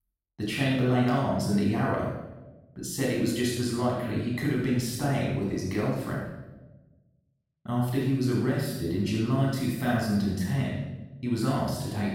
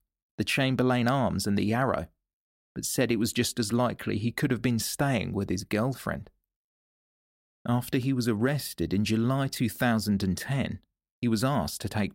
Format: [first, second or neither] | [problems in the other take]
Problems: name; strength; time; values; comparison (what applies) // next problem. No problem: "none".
second | off-mic speech; far // room echo; strong; dies away in 0.9 s